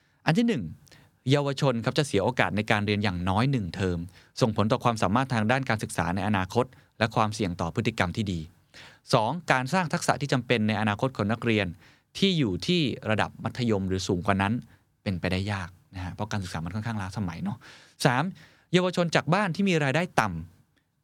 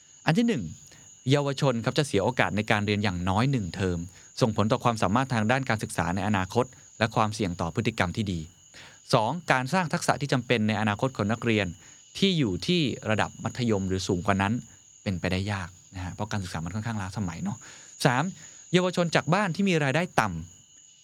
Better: first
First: none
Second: animal sounds; faint; throughout; 25 dB below the speech

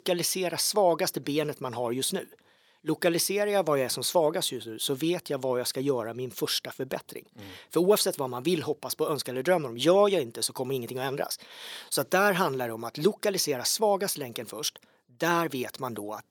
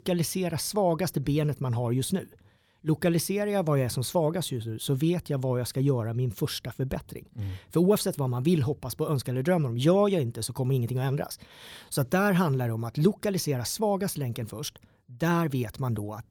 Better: second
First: thin; somewhat; fading below 350 Hz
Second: none

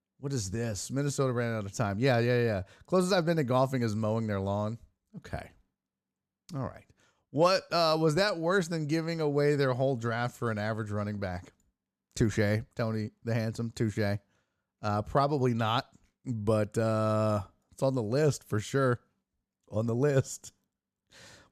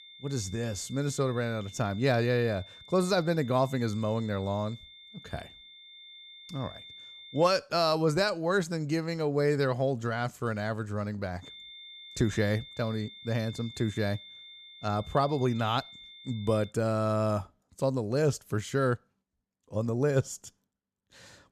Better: first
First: none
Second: high-pitched whine; noticeable; until 7.5 s and from 11 to 17 s; 3.5 kHz, 15 dB below the speech

